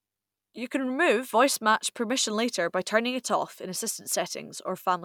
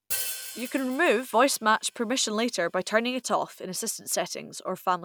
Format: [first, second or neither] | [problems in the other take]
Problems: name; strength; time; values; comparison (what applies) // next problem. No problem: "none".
first | background sound (Hi-hat); 12 dB below the speech